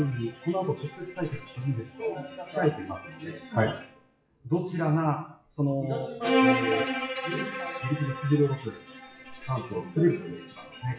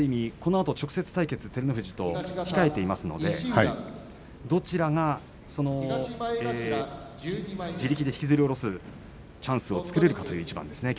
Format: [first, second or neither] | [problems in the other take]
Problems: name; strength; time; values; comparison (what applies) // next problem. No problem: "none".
second | noise reduction (classical method WPE with log-MMSE)